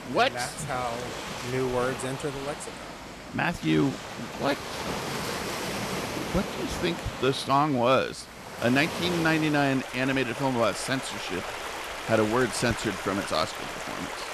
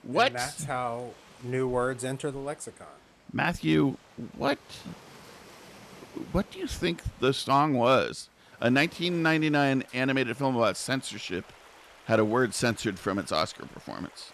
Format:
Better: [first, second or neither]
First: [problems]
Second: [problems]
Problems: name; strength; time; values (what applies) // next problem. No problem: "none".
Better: second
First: rain or running water; loud; throughout; 7 dB below the speech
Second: rain or running water; faint; throughout; 25 dB below the speech